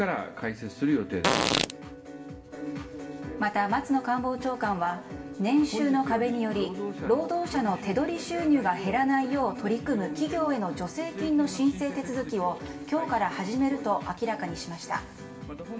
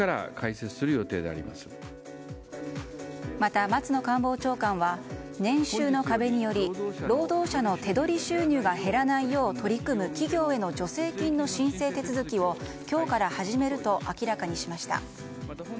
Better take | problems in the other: second | background sound (Fart); as loud as the speech // room echo; dies away in 1 s

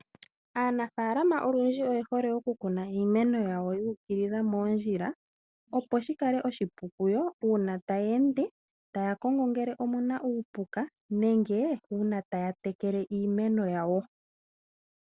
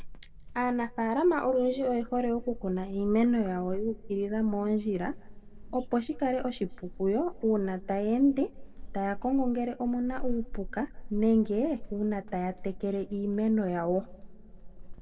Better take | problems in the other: first | background sound (Squeak / Walk, footsteps); 10 dB below the speech // room echo; dies away in 2.2 s

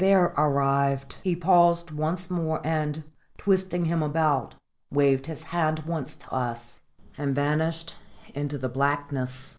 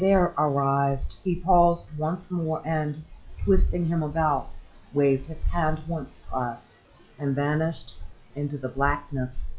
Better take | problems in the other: first | noise reduction (classical method log-MMSE)

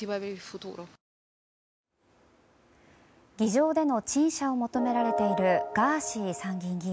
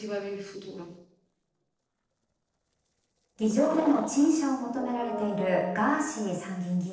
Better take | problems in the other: first | noise reduction (neural separator model SepFormer DNS4)

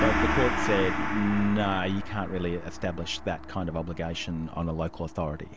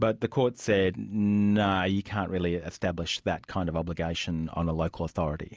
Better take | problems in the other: second | background sound (Gong); 2 dB below the speech

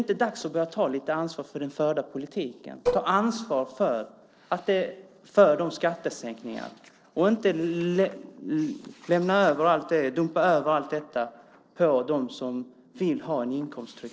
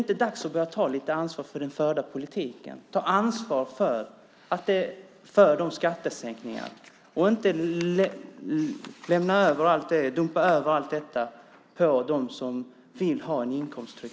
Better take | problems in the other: second | noise reduction (neural separator model SepFormer DNS4)

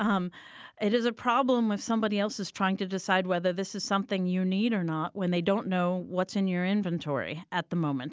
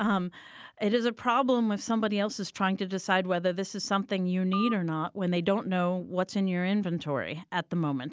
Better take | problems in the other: first | background sound (Telephone); 12 dB below the speech

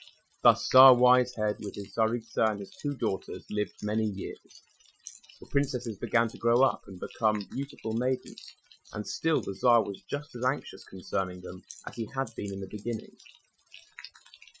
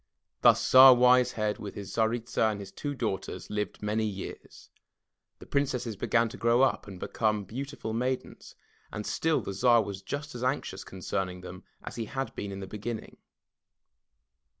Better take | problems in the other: second | noise reduction (classical method Wiener filter)

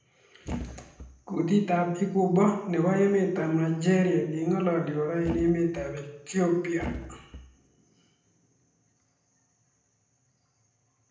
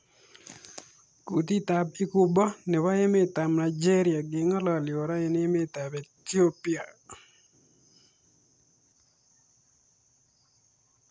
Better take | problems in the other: second | background sound (Thump, thud); 11 dB below the speech // room echo; dies away in 0.7 s

